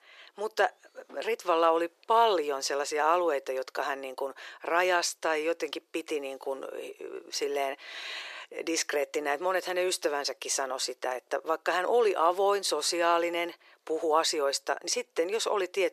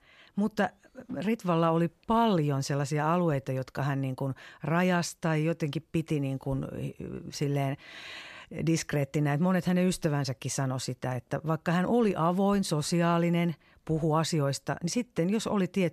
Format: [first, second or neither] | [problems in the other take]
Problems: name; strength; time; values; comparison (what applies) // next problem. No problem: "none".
second | thin; very; fading below 400 Hz